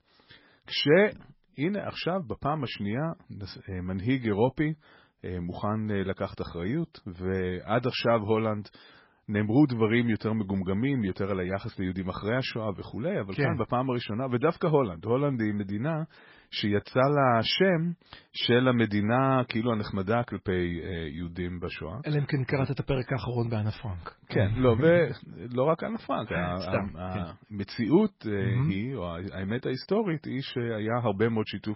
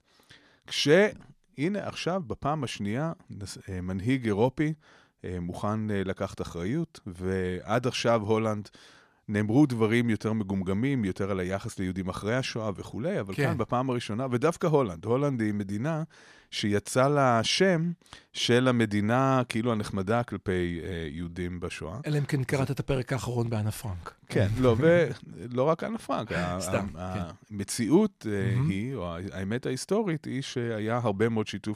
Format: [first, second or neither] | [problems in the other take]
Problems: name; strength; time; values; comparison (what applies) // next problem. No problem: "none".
second | garbled, watery; badly; nothing above 5.5 kHz